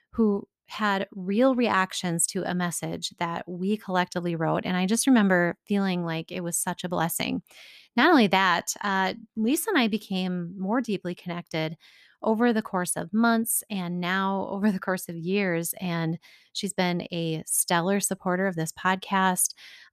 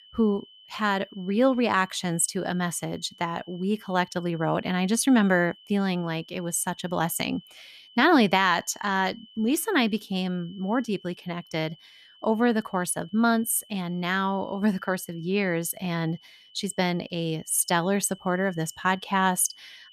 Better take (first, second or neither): first